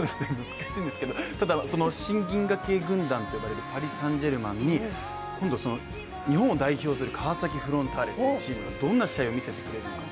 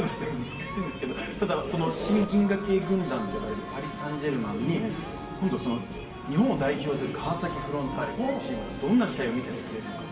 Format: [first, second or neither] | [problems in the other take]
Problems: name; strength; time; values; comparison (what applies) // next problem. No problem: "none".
first | background sound (Squeak); 13 dB below the speech // room echo; dies away in 2.7 s